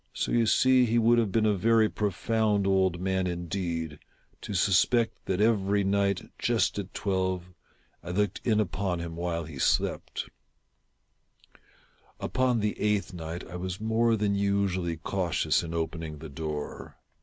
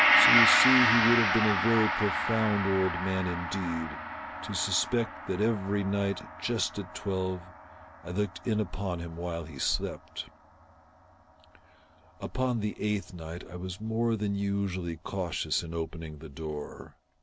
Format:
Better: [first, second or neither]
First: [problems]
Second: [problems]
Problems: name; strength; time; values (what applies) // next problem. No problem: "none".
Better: first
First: none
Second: background sound (Gong); 1 dB below the speech